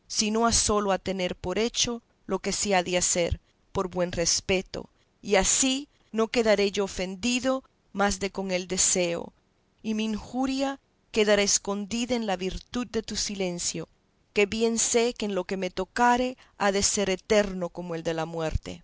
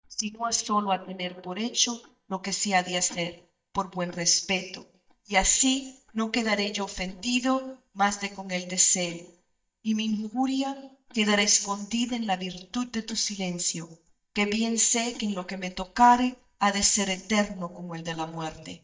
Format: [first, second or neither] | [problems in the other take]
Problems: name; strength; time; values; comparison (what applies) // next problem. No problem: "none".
first | noise reduction (neural mask model DeepFilterNet 3)